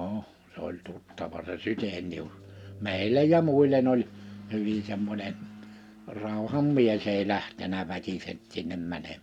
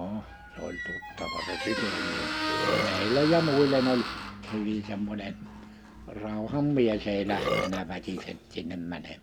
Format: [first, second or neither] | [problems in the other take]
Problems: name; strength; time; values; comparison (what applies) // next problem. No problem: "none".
first | background sound (Burping, eructation + Squeak); 5 dB below the speech